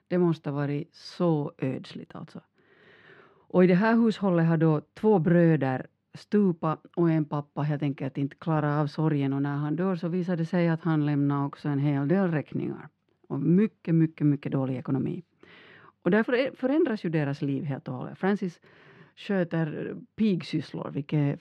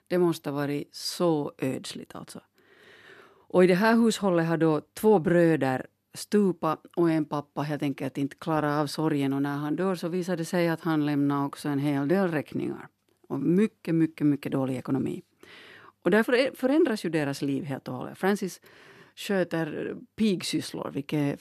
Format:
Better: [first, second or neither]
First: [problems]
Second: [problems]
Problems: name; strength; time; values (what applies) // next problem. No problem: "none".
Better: second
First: muffled; slightly; fading above 3 kHz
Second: none